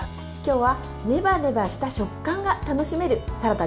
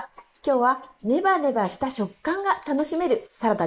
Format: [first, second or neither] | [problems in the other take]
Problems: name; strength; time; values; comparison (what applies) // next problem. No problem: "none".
first | noise reduction (neural mask model Resemble Enhance denoiser)